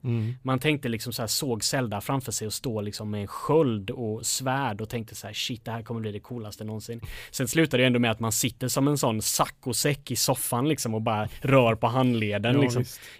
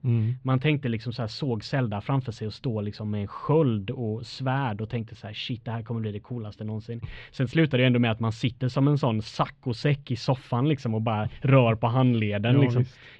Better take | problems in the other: first | muffled; slightly; fading above 4 kHz

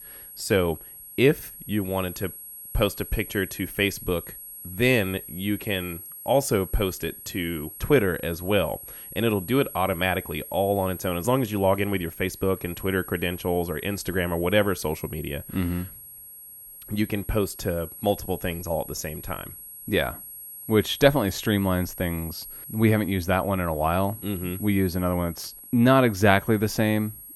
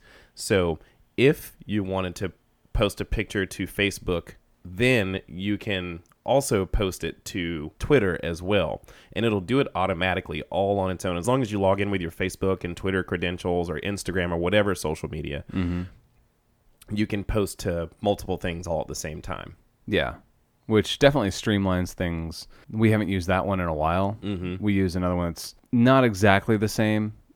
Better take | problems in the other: second | high-pitched whine; noticeable; throughout; 11.5 kHz, 15 dB below the speech

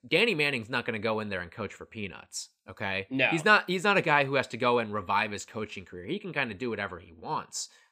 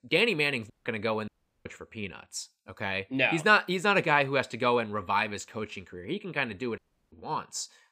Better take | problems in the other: first | audio cutting out; at 0.5 s, at 1.5 s and at 7 s

